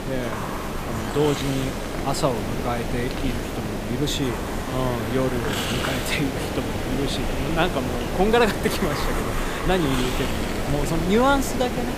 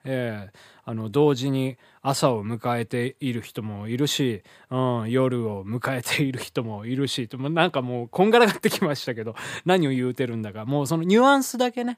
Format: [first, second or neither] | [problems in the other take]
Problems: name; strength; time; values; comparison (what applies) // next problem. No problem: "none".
second | hiss; loud; throughout; 2 dB below the speech